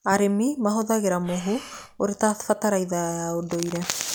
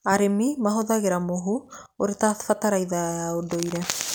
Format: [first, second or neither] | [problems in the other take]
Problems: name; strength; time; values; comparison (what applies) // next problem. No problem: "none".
second | background sound (Breathing); 19 dB below the speech